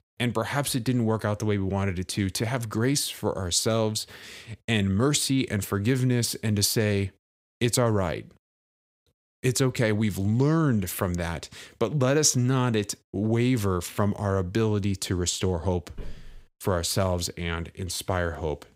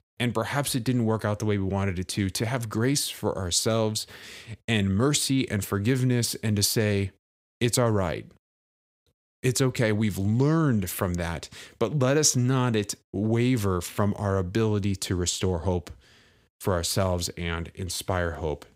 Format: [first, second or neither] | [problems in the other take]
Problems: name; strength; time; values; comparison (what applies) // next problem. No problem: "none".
second | footsteps; faint; at 16 s; peak 20 dB below the speech